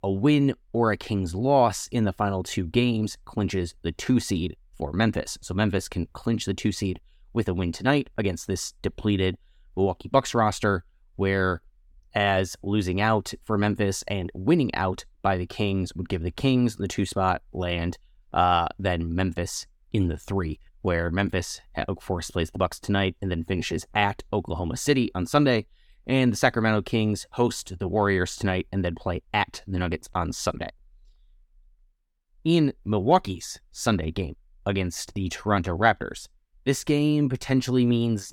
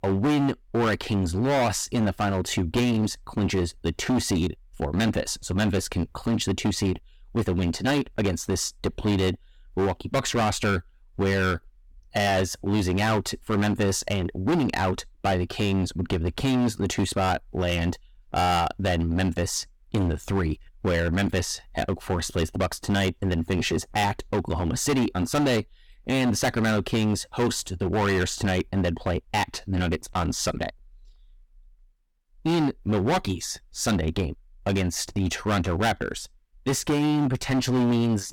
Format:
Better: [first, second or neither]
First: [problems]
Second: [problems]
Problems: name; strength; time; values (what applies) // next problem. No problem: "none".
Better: first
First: none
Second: distortion; heavy; 15% of the sound clipped